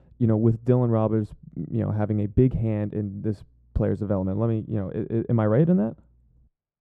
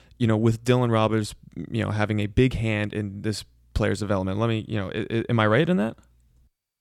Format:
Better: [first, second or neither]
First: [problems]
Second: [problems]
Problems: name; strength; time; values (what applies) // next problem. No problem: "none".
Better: second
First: muffled; very; fading above 1.5 kHz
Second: none